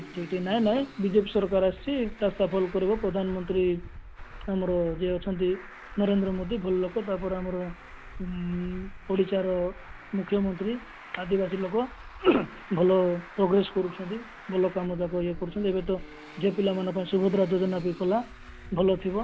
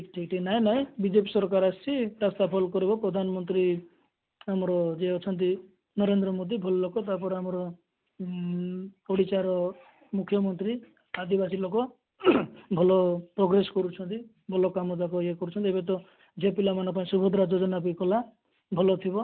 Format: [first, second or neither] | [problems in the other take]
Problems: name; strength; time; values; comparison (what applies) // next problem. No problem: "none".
second | background sound (Traffic noise, roadway noise); 15 dB below the speech